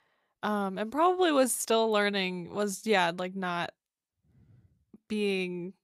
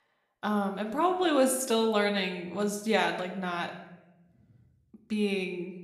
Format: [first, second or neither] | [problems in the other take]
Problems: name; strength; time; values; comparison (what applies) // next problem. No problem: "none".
first | room echo; slight; dies away in 0.7 s